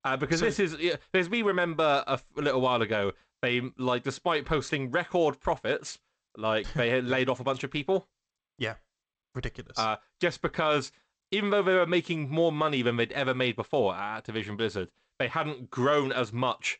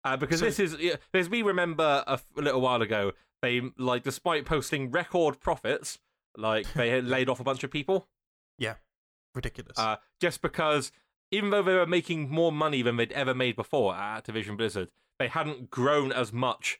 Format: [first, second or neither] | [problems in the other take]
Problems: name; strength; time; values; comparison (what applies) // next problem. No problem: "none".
second | garbled, watery; slightly; nothing above 8 kHz